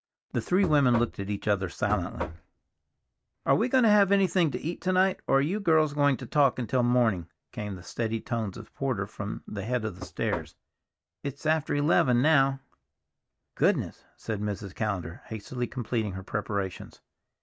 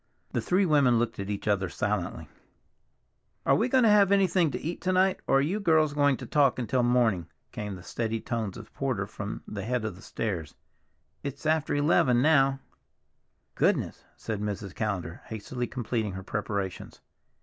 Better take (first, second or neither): second